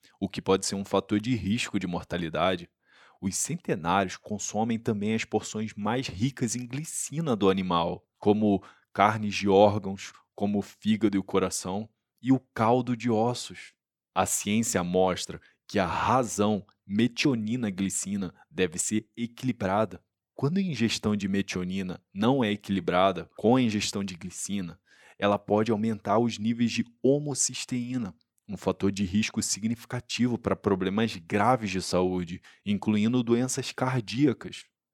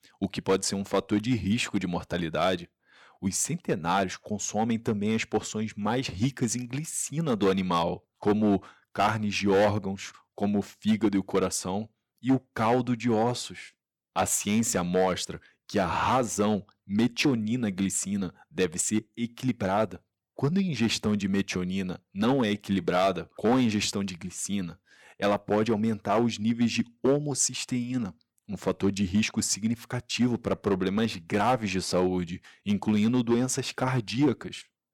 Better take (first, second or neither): first